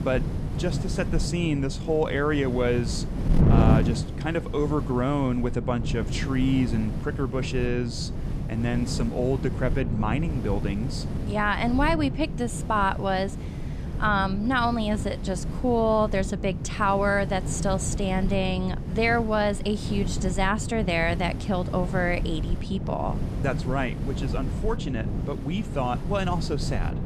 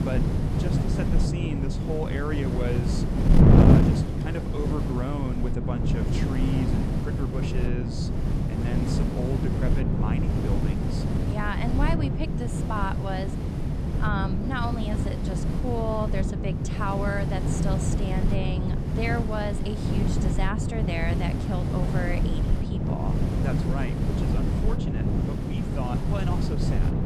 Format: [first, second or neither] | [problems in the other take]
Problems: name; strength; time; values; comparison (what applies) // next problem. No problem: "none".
first | wind noise on the microphone; heavy; as loud as the speech; occasional gusts in the first